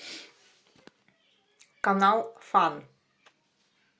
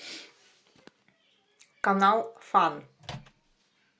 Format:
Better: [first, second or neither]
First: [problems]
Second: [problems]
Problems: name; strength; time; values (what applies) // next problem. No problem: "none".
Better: first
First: none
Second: background sound (Microwave oven); 15 dB below the speech